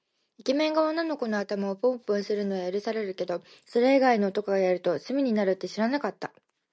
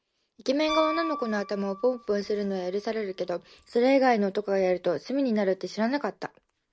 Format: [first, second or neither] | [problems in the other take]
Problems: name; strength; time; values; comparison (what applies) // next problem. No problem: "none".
first | background sound (Piano); 14 dB below the speech